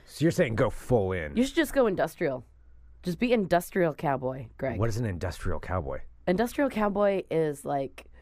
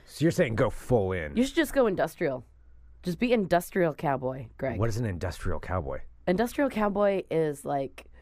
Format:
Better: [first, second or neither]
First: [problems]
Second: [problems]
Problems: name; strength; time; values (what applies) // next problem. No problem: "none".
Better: neither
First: muffled; slightly; fading above 2 kHz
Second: muffled; slightly; fading above 2 kHz